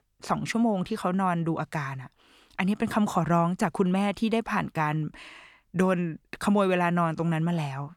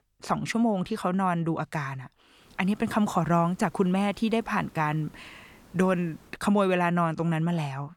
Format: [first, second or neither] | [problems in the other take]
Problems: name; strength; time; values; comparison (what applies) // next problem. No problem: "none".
first | hiss; faint; from 2.5 to 6.5 s; 30 dB below the speech